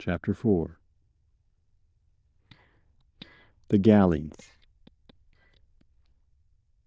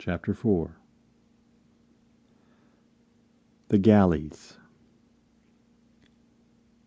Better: second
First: noise reduction (neural diffusion model UNIVERSE++)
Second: none

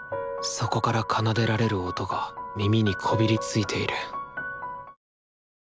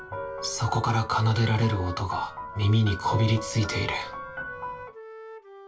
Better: first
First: none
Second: background sound (Wind instrument, woodwind instrument); 18 dB below the speech // room echo; dies away in 0.2 s

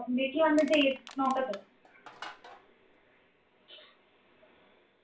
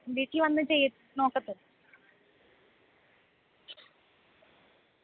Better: second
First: background sound (Crushing); 16 dB below the speech // room echo; dies away in 0.2 s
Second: none

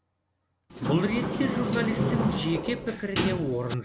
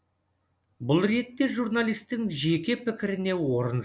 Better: second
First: background sound (Sliding door); 1 dB above the speech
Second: none

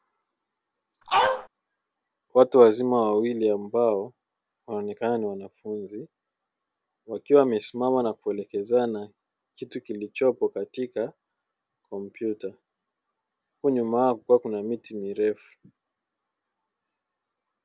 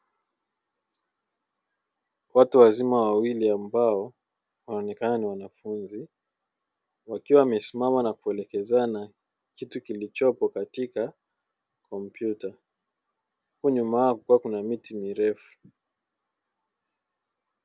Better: second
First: background sound (Dog); 4 dB above the speech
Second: none

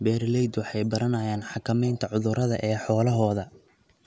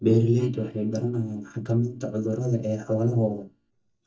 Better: first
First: none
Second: noise reduction (neural mask model DeepFilterNet 3)

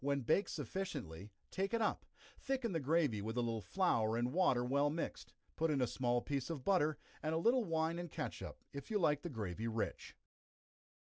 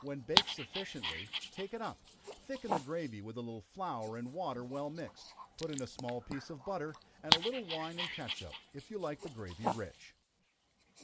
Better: first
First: none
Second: background sound (Dog); 1 dB above the speech

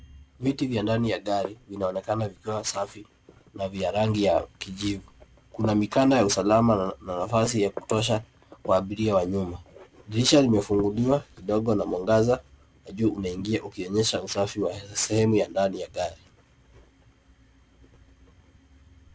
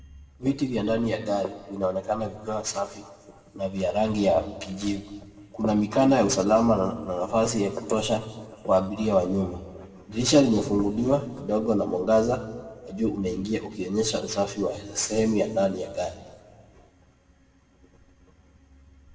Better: first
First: none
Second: room echo; dies away in 1.4 s

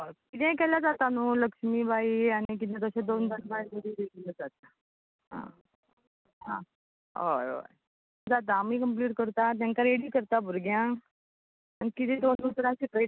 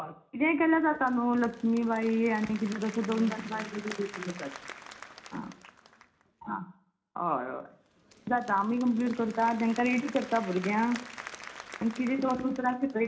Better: first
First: none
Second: background sound (Applause / Crowd); 16 dB below the speech // room echo; dies away in 0.4 s

